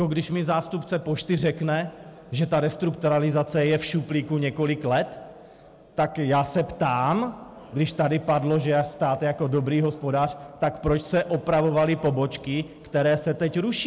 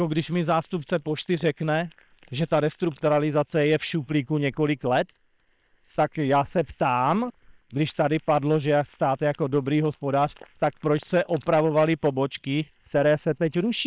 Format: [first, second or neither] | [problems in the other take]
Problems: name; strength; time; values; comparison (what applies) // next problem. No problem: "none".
first | noise reduction (neural separator model SepFormer WHAM!)